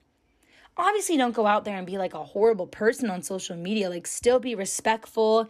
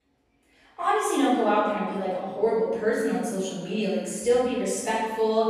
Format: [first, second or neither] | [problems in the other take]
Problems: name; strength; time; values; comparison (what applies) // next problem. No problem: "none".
first | room echo; strong; dies away in 1.2 s // off-mic speech; far